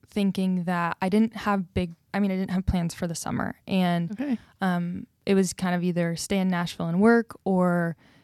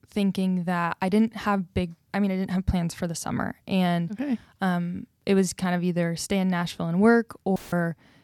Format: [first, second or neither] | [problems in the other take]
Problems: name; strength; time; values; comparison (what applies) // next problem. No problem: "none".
first | audio cutting out; filled with static; at 7.5 s